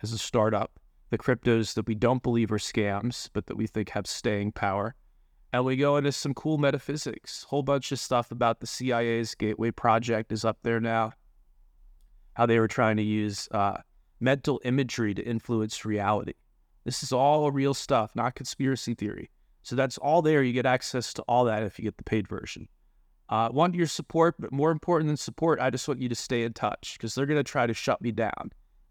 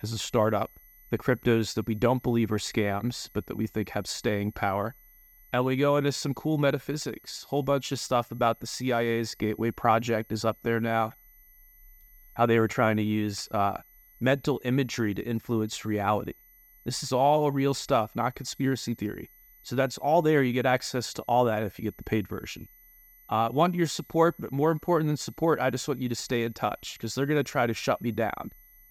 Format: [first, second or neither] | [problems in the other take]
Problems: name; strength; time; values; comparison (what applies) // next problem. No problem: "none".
first | high-pitched whine; faint; throughout; 12 kHz, 25 dB below the speech